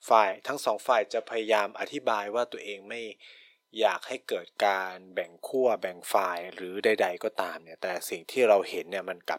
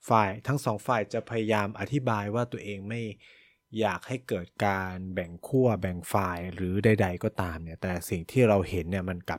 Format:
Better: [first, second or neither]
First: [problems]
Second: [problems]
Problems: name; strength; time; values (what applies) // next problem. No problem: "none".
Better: second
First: thin; very; fading below 400 Hz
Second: none